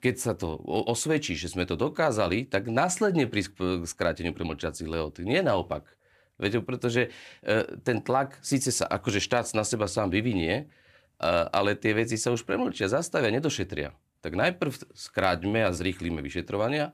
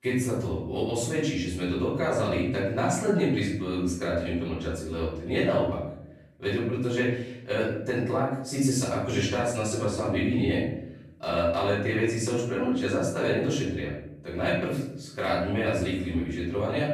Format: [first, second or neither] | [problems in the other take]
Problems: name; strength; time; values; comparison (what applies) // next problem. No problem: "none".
first | room echo; noticeable; dies away in 0.8 s // off-mic speech; far